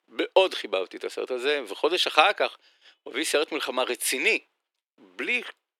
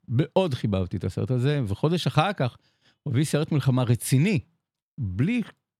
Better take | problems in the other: second | thin; very; fading below 350 Hz

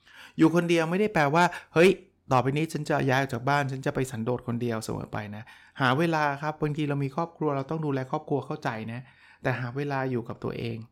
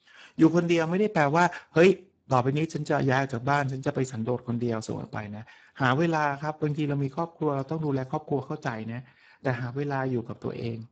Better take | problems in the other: first | garbled, watery; badly; nothing above 7.5 kHz

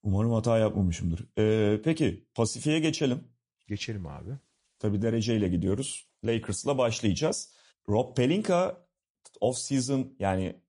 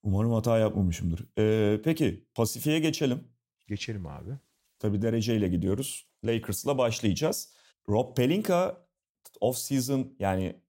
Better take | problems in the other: second | garbled, watery; slightly; nothing above 10.5 kHz

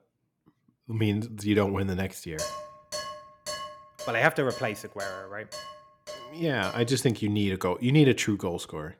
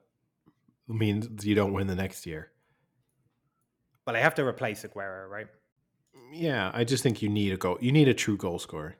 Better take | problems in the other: second | clattering dishes; noticeable; from 2.5 to 7 s; peak 8 dB below the speech

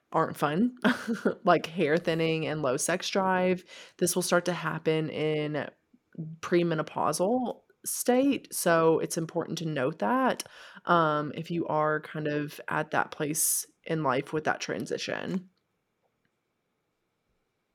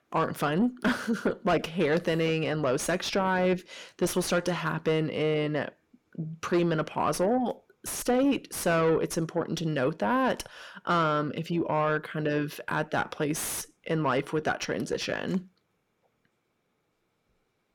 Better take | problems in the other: first | distortion; slight; 9 dB below the speech

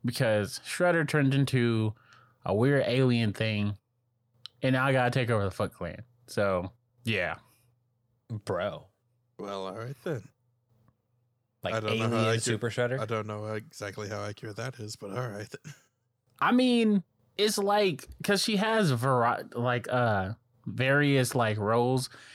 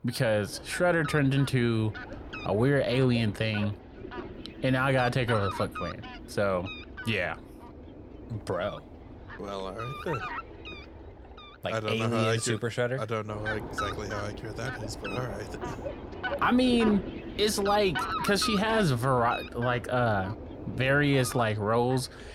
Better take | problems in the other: first | animal sounds; noticeable; throughout; 10 dB below the speech

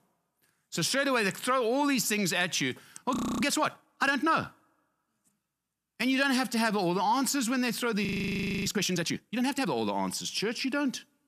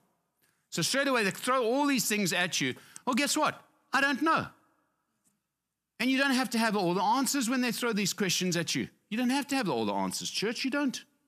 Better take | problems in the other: second | audio freezing; at 3 s and at 8 s for 0.5 s

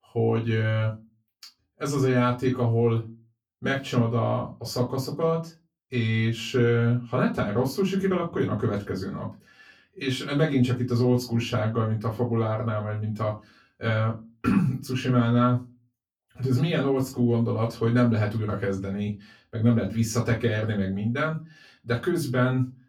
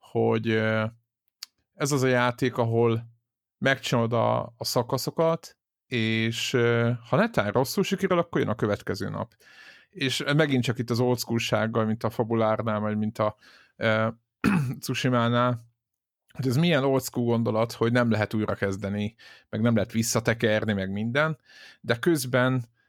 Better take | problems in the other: second | off-mic speech; far // room echo; very slight; dies away in 0.2 s

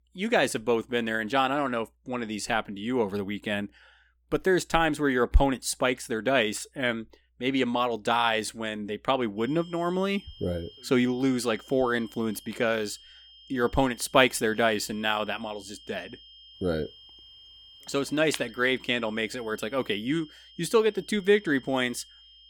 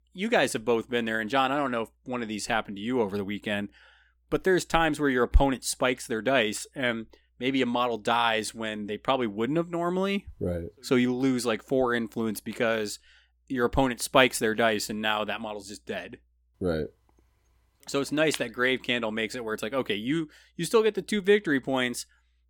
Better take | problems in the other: second | high-pitched whine; faint; from 9.5 s on; 3 kHz, 20 dB below the speech

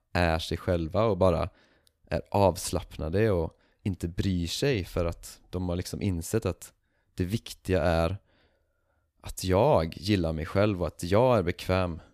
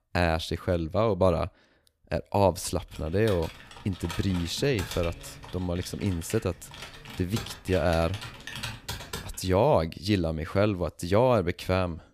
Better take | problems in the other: first | keyboard typing; noticeable; from 3 to 9.5 s; peak 7 dB below the speech

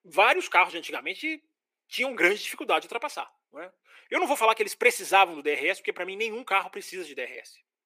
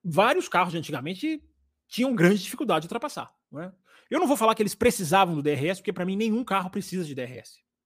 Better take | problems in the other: second | thin; very; fading below 400 Hz

